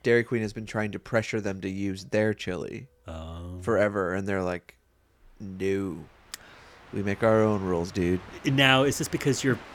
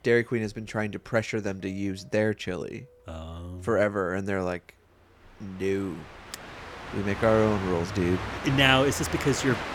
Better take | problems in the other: first | train or aircraft noise; loud; throughout; 9 dB below the speech; faint in the first

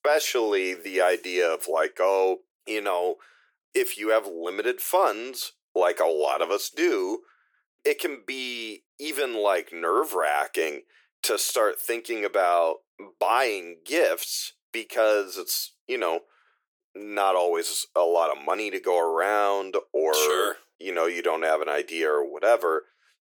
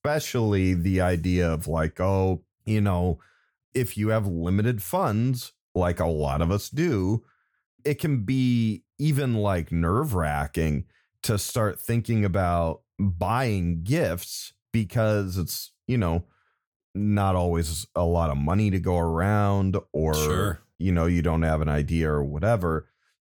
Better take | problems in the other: second | thin; very; fading below 350 Hz

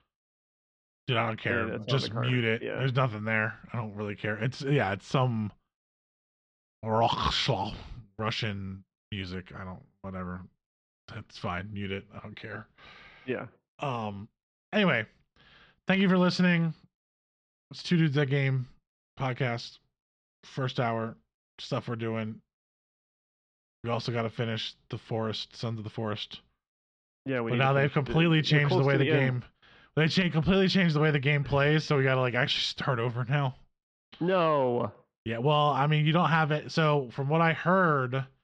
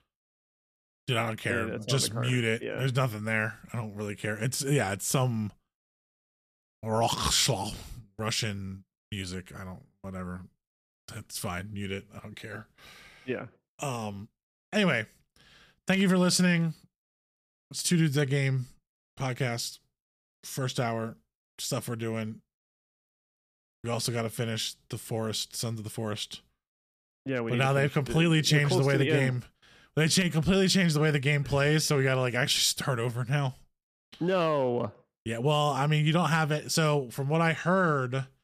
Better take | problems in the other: second | muffled; slightly; fading above 4 kHz

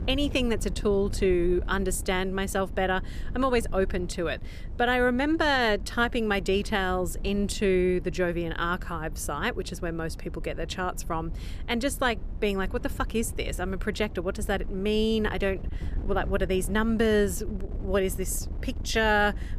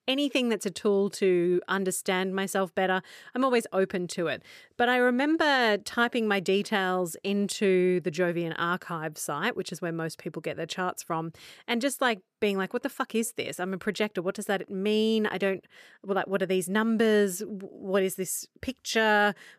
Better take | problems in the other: second | wind noise on the microphone; occasional gusts; 20 dB below the speech

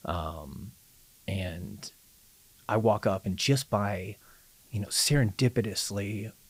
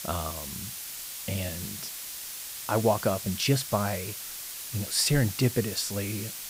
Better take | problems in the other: first | hiss; loud; throughout; 7 dB below the speech; faint in the first

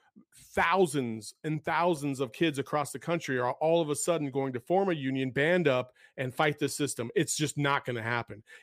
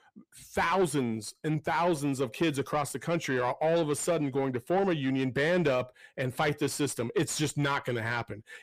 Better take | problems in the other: first | distortion; slight; 10 dB below the speech

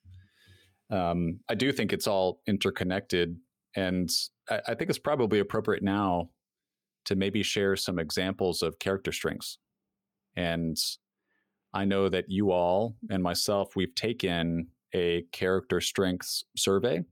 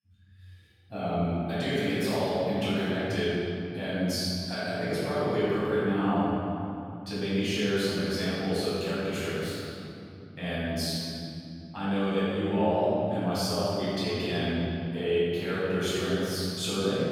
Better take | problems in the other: first | room echo; strong; dies away in 3 s // off-mic speech; far

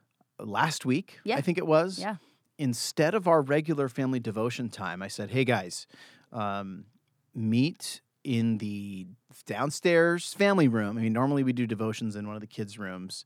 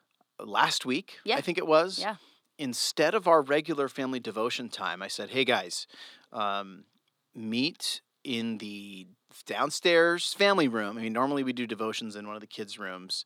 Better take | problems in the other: first | thin; very slightly; fading below 300 Hz

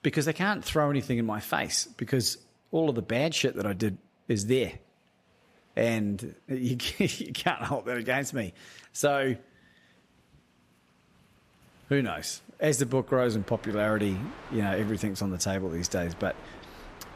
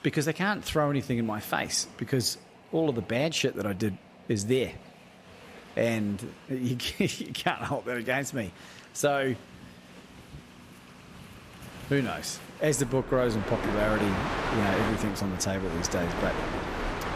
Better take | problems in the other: first | train or aircraft noise; loud; throughout; 6 dB below the speech; faint in the first

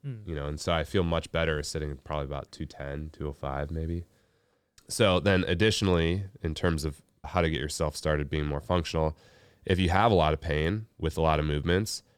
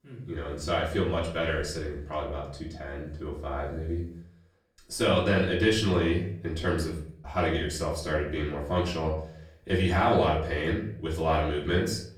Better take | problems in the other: first | off-mic speech; far // room echo; slight; dies away in 0.5 s

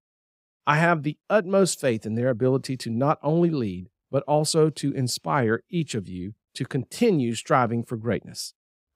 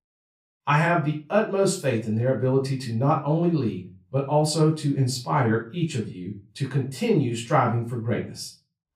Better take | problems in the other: first | off-mic speech; far // room echo; slight; dies away in 0.3 s

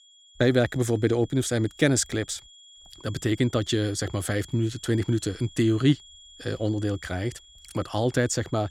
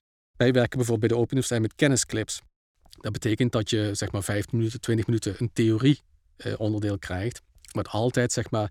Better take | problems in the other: second | high-pitched whine; faint; throughout; 3.5 kHz, 25 dB below the speech

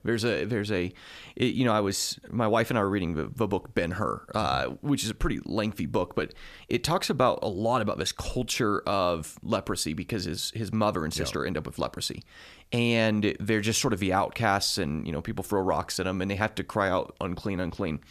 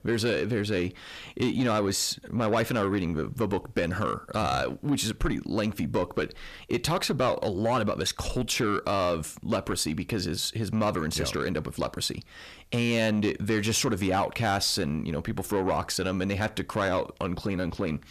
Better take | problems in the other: first | distortion; slight; 10 dB below the speech

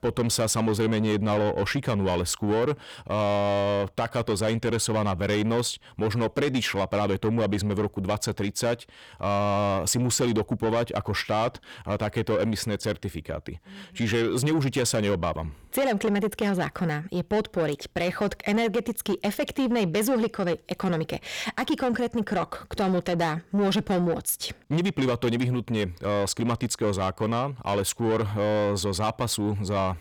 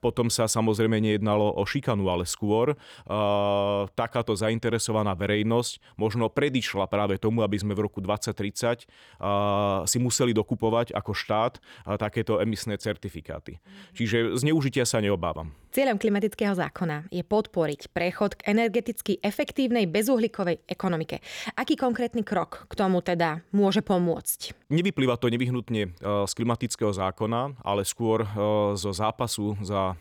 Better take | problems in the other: second | distortion; slight; 10 dB below the speech

